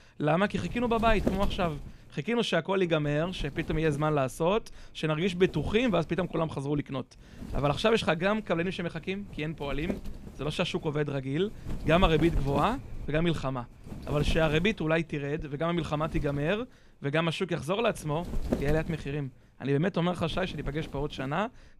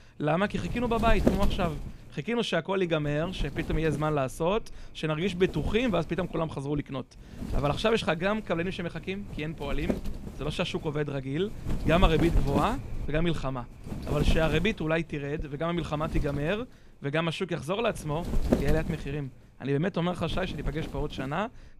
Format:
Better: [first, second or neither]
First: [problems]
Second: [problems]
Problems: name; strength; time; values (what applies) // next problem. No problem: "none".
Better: first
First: wind noise on the microphone; occasional gusts; 15 dB below the speech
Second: wind noise on the microphone; heavy; 10 dB below the speech